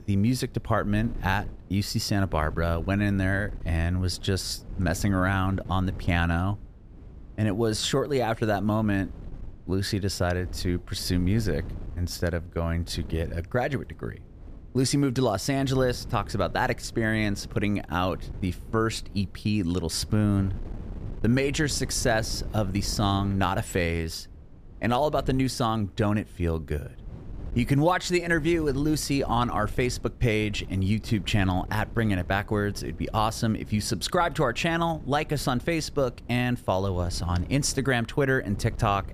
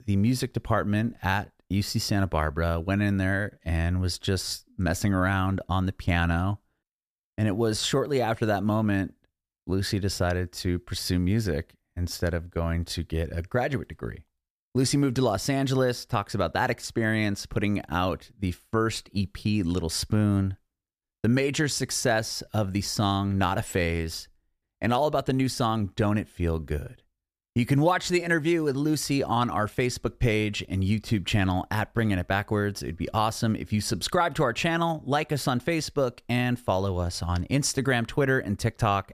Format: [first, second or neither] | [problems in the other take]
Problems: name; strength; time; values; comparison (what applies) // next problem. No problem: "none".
second | wind noise on the microphone; occasional gusts; 25 dB below the speech